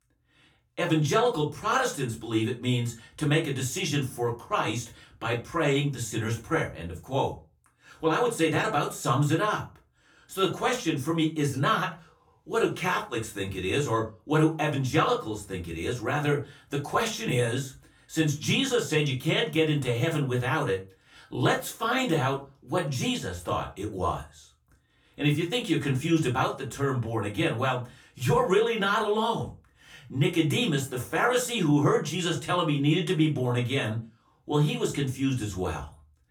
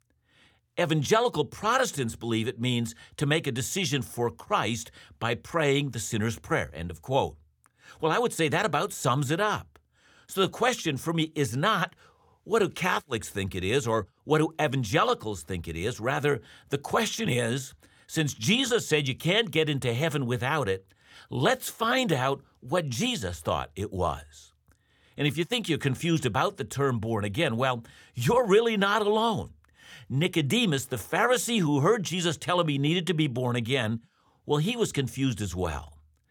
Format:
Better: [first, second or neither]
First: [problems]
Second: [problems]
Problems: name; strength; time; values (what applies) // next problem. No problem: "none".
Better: second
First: off-mic speech; far // room echo; very slight; dies away in 0.2 s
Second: none